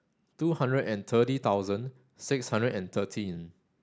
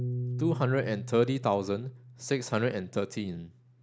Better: first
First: none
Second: background sound (Piano); 8 dB below the speech

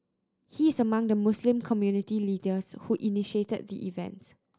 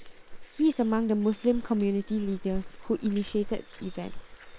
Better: first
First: none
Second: noise reduction (neural separator model SepFormer WHAM!)

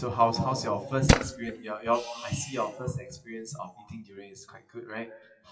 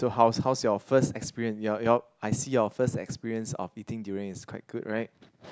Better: second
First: noise reduction (classical method WPE with log-MMSE)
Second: none

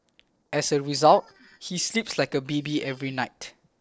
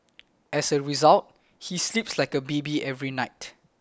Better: second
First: noise reduction (neural separator model SepFormer DNS4)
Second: none

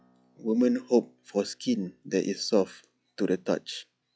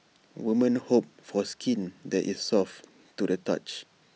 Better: second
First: noise reduction (classical method log-MMSE)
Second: none

